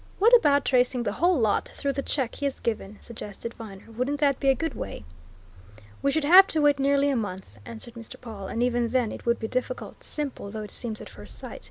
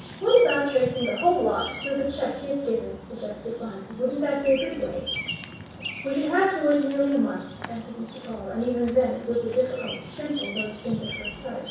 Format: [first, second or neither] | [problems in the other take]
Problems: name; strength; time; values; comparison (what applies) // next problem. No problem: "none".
first | background sound (Bird vocalization, bird call, bird song); 12 dB below the speech // room echo; dies away in 0.7 s